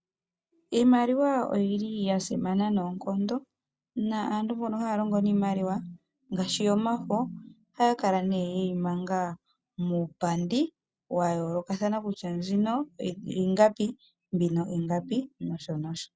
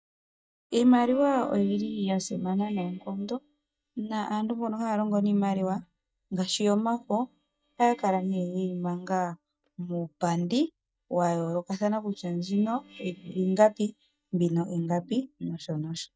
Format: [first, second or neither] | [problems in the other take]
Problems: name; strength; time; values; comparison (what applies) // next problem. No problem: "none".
first | noise reduction (neural mask model DeepFilterNet 3)